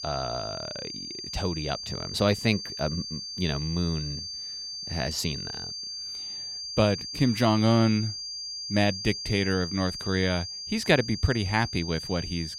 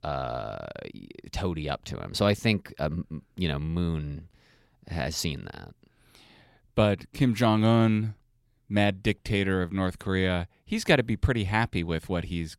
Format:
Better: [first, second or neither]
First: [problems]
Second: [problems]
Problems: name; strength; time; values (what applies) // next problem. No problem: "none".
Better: second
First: high-pitched whine; loud; throughout; 4.5 kHz, 7 dB below the speech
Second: none